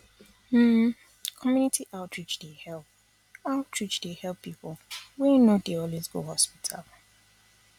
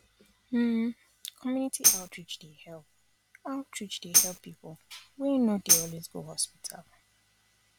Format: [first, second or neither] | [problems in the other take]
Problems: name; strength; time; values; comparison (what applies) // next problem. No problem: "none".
first | background sound (Tambourine); 4 dB above the speech